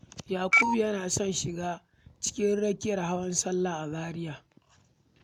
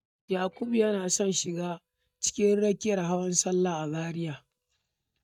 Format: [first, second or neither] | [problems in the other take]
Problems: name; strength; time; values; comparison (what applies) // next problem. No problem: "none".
first | noise reduction (neural mask model DeepFilterNet 3)